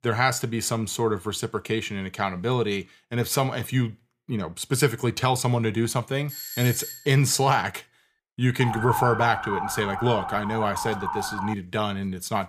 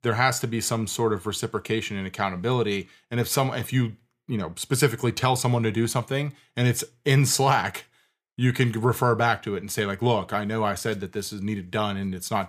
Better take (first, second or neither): second